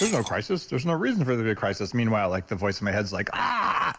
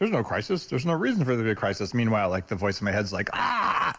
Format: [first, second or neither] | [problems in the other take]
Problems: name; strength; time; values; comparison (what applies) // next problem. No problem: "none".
second | background sound (Shatter); 18 dB below the speech